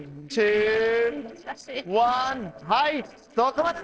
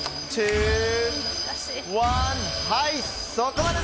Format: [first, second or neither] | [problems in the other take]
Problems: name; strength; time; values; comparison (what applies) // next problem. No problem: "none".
second | noise reduction (neural separator model SepFormer DNS4)